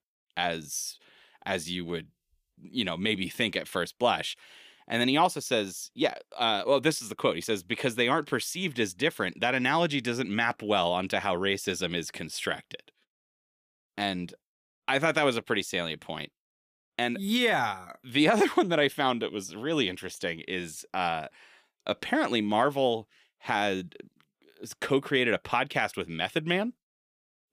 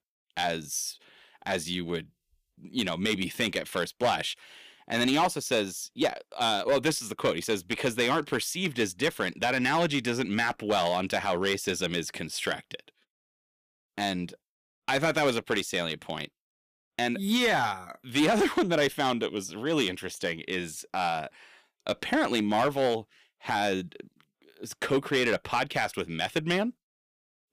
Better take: first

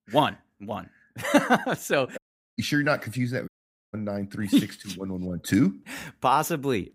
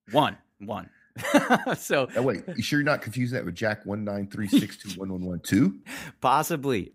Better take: second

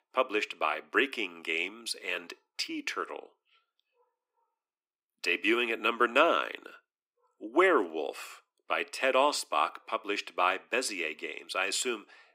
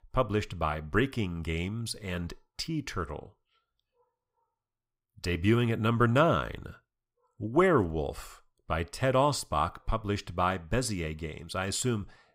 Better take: second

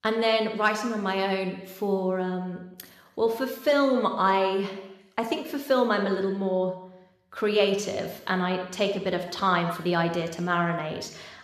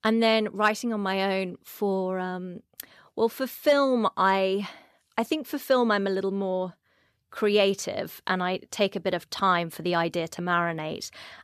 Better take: second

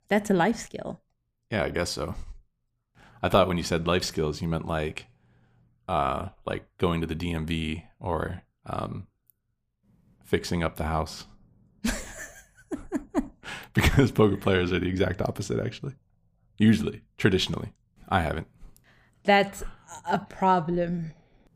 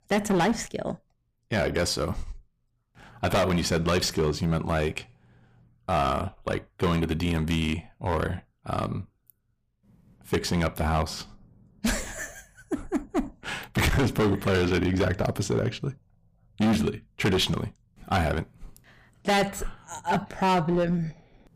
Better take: first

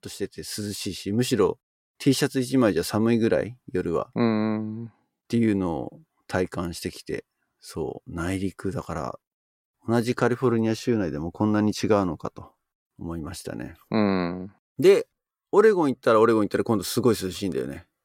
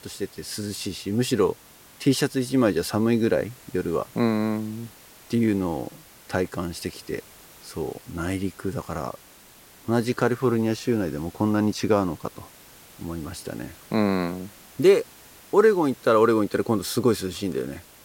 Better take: first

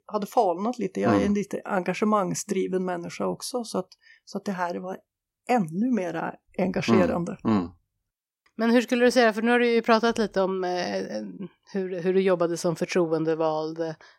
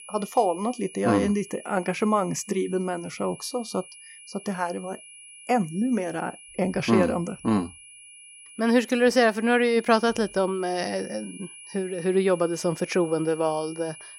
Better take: first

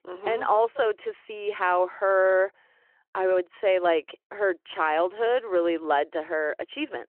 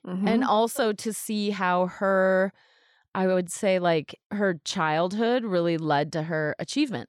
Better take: second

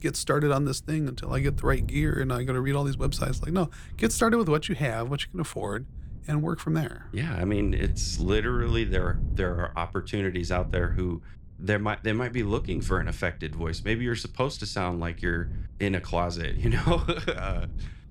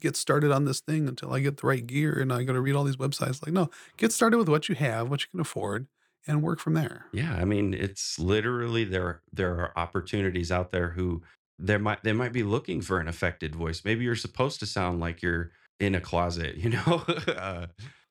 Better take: second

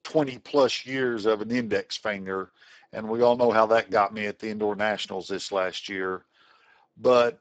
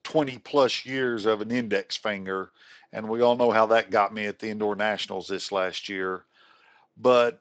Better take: second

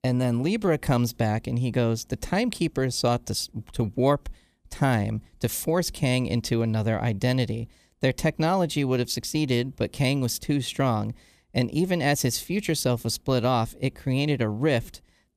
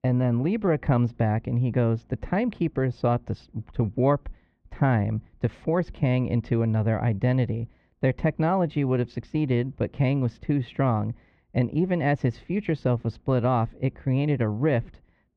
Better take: first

